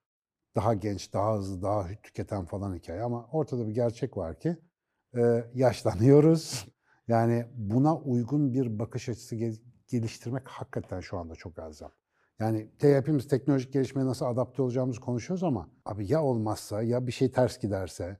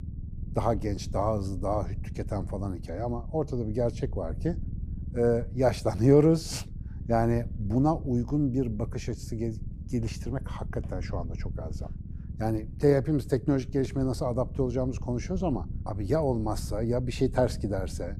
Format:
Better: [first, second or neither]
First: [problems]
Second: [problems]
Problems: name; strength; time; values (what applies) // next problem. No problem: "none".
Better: first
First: none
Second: low rumble; faint; throughout; 20 dB below the speech